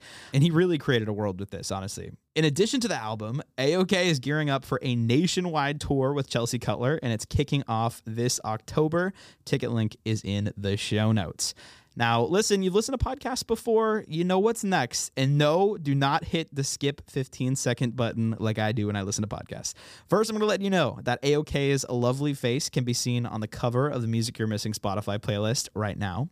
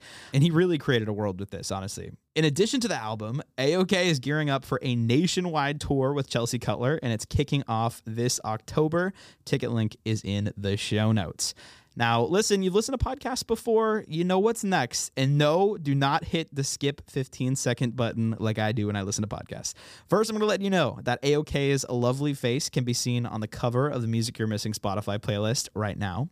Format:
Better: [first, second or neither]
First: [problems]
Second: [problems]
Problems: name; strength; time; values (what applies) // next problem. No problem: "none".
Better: neither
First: none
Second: none